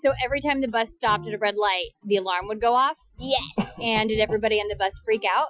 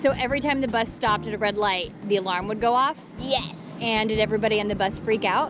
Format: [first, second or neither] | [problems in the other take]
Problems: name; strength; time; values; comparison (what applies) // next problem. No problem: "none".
second | noise reduction (classical method Wiener filter)